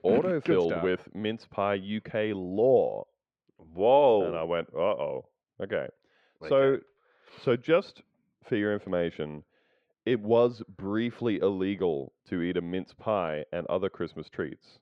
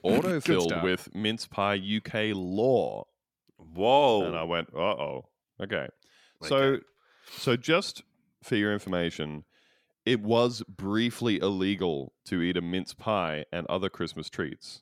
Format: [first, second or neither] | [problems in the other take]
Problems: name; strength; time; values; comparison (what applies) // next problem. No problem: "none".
second | muffled; very; fading above 2.5 kHz